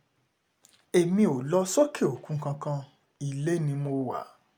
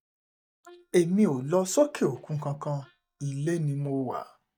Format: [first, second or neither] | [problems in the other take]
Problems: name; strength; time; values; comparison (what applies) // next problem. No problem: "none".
first | noise reduction (neural mask model DeepFilterNet 3)